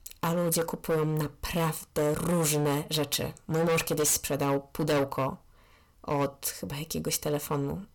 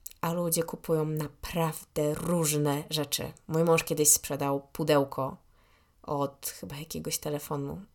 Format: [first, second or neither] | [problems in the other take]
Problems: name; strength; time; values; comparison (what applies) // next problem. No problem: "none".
second | distortion; heavy; 12% of the sound clipped